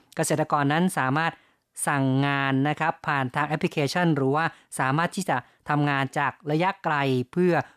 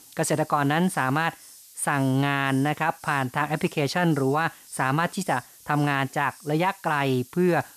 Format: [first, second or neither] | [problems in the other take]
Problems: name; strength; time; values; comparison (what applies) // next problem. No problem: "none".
first | hiss; faint; throughout; 20 dB below the speech